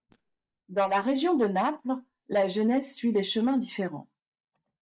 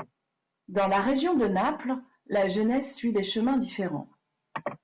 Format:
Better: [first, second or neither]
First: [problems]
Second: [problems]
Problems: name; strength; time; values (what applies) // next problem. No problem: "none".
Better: second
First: noise reduction (neural mask model DeepFilterNet 3)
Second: none